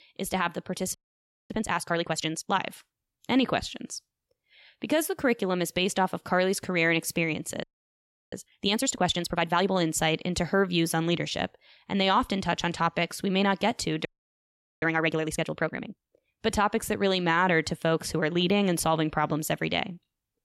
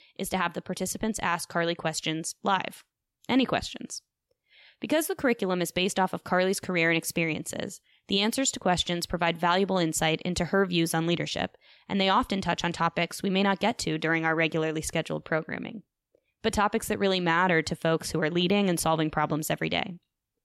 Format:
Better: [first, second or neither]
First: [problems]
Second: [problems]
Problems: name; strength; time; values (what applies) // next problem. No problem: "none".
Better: second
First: audio freezing; at 1 s for 0.5 s, at 7.5 s for 0.5 s and at 14 s for 1 s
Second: none